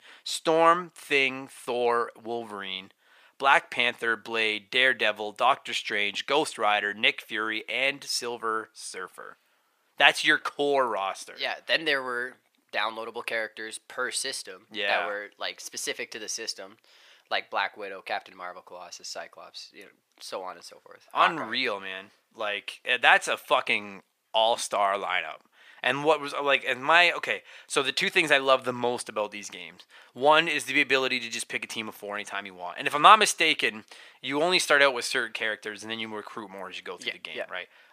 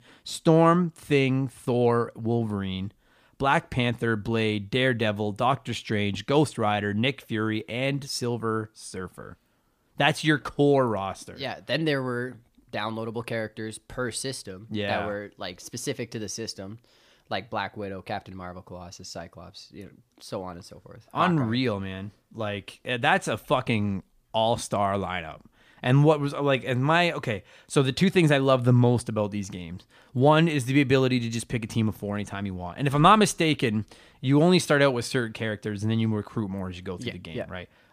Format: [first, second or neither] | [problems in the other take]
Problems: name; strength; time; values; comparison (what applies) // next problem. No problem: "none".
second | thin; very; fading below 600 Hz